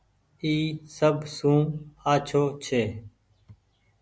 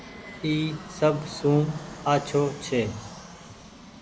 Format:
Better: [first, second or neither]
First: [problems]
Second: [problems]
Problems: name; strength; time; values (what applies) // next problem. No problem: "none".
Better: first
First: none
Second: background sound (Fixed-wing aircraft, airplane); 14 dB below the speech